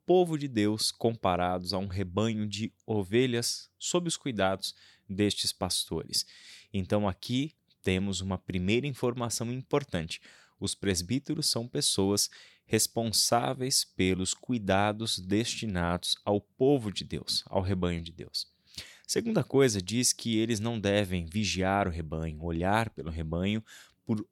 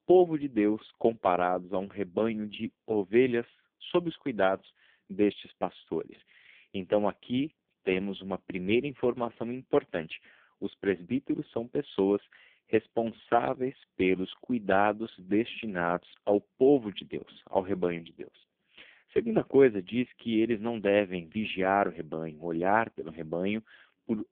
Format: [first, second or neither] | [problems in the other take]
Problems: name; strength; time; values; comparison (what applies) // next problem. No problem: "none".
first | phone-call audio; poor line